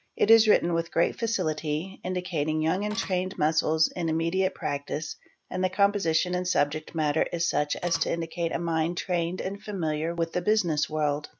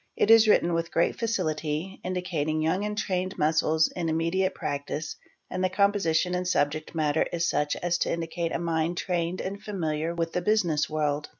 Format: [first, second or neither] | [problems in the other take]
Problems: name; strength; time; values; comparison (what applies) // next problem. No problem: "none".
second | background sound (Printer); 15 dB below the speech